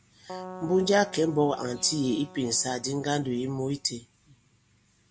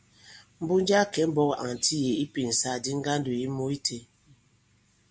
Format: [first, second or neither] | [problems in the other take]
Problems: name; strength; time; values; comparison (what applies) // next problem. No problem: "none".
second | background sound (Keyboard (musical)); 17 dB below the speech